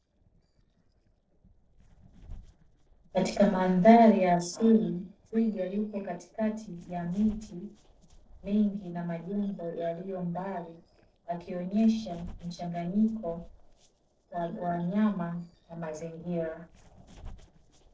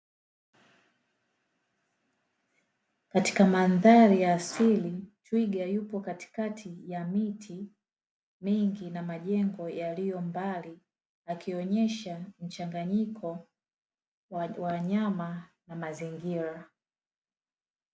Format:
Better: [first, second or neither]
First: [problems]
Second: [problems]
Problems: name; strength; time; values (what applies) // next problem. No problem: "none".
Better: second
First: noise reduction (neural separator model SepFormer DNS4)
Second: none